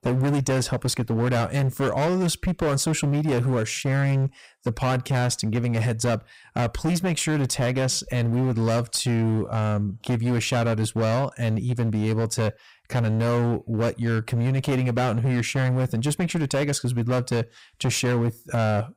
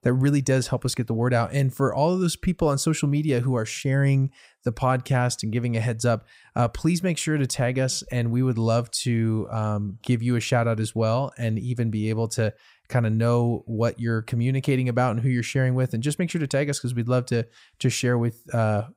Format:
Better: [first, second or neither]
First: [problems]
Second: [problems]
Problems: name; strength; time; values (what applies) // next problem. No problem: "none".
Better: second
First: distortion; slight; 24% of the sound clipped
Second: none